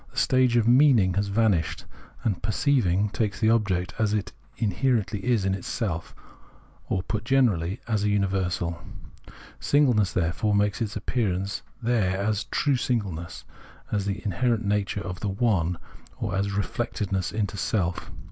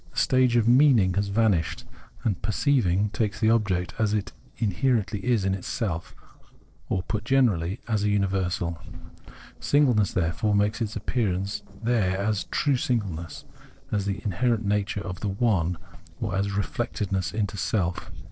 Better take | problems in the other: first | noise reduction (neural separator model SepFormer DNS4)

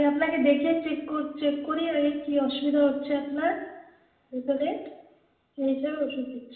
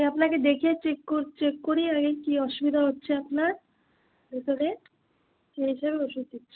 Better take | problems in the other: second | room echo; dies away in 0.8 s

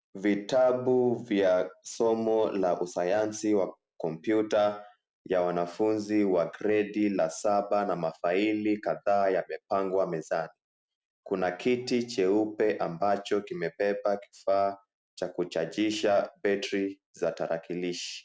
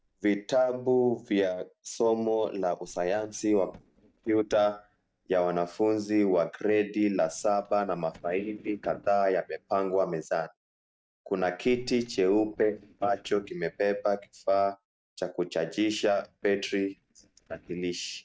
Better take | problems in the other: first | noise reduction (neural mask model DeepFilterNet 3)

